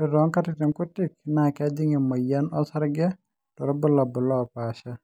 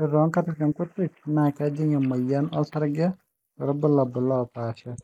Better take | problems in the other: first | noise reduction (neural mask model Resemble Enhance denoiser)

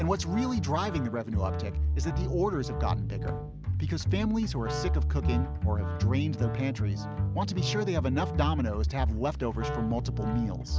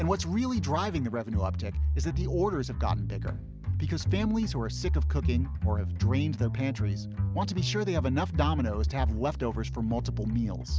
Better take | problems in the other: second | background sound (Wind instrument, woodwind instrument); 13 dB below the speech

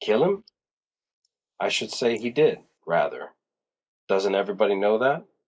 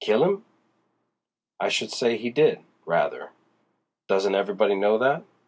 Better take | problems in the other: second | noise reduction (neural mask model Resemble Enhance denoiser)

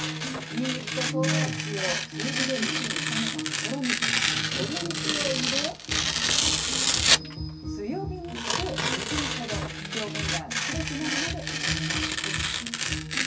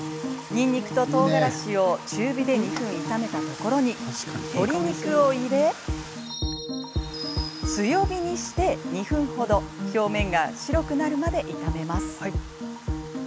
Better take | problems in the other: second | background sound (Tearing); 4 dB above the speech // room echo; dies away in 0.4 s

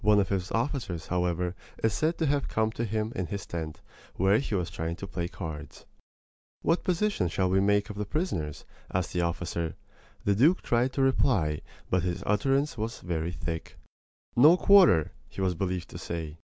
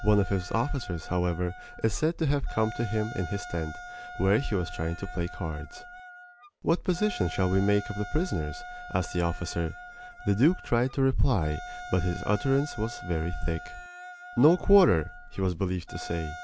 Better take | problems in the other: first | background sound (Wind instrument, woodwind instrument); 15 dB below the speech

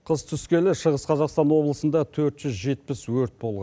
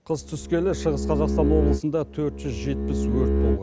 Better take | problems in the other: first | background sound (Bowed string instrument); 1 dB above the speech

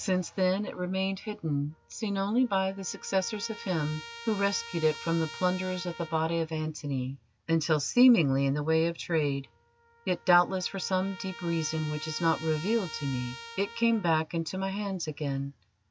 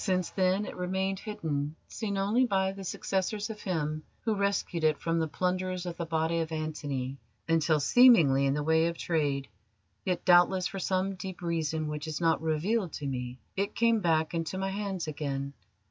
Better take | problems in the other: second | background sound (Trumpet); 18 dB below the speech

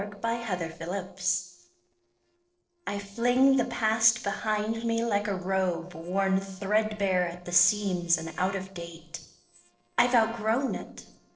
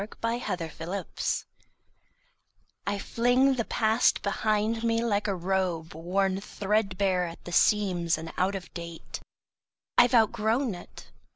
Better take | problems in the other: second | noise reduction (neural separator model SepFormer DNS4)

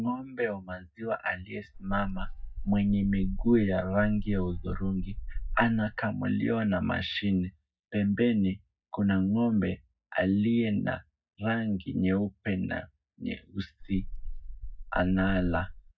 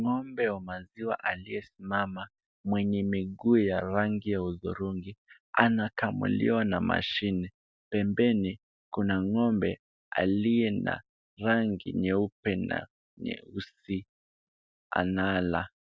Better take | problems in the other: second | noise reduction (neural mask model DeepFilterNet 3)

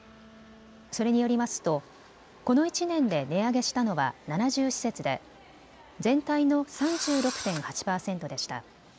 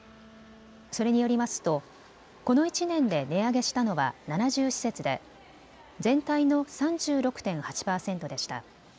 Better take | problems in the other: second | background sound (Engine / Drill); 11 dB below the speech

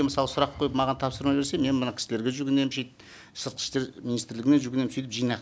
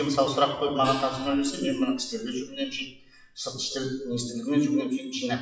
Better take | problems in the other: first | noise reduction (classical method WPE with log-MMSE)

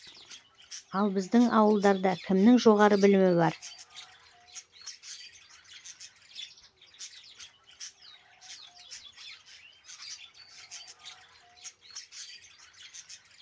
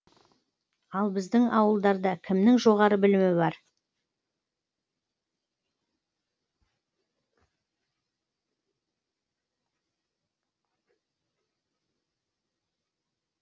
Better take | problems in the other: second | background sound (Chirp, tweet); 19 dB below the speech

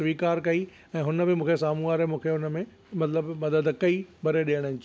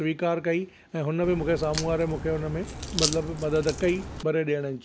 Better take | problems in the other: first | background sound (Crack); 7 dB below the speech

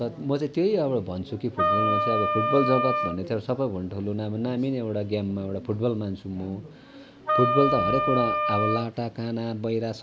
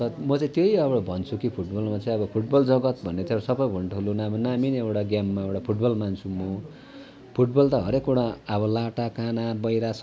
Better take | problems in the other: second | background sound (Wind instrument, woodwind instrument); 2 dB above the speech

